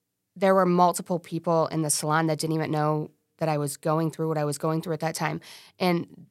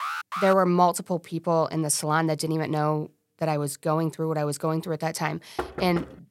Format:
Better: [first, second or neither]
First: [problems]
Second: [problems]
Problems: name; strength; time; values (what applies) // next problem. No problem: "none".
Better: first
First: none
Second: alarm; noticeable; at the start; peak 5 dB below the speech // door banging; noticeable; at 5.5 s; peak 9 dB below the speech